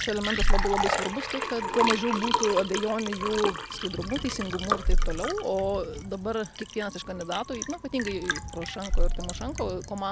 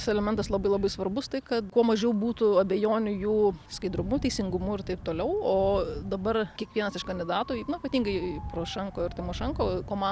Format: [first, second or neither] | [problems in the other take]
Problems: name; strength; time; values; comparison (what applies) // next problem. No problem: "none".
second | background sound (Liquid); 2 dB above the speech